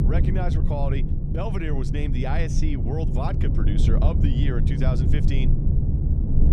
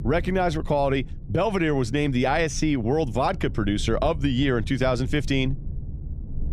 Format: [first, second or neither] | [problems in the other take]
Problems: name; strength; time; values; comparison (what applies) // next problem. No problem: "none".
second | low rumble; loud; throughout; 3 dB below the speech; faint in the second